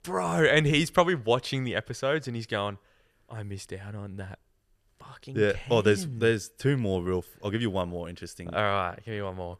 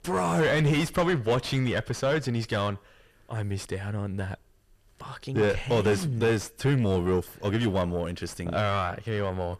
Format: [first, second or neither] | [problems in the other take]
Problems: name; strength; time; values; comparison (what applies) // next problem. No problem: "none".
first | distortion; heavy; 5 dB below the speech